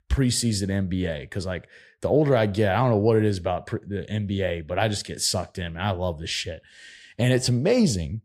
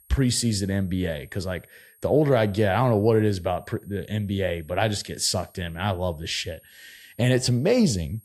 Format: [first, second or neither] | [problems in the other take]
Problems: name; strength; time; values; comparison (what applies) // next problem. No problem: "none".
first | high-pitched whine; faint; throughout; 11.5 kHz, 30 dB below the speech